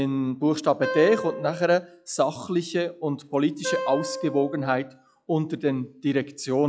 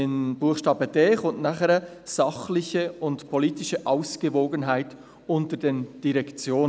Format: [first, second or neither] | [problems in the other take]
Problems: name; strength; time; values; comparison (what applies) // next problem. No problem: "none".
second | noise reduction (classical method log-MMSE)